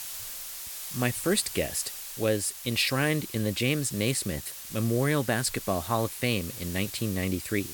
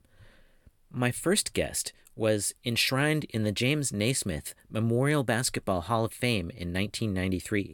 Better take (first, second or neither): second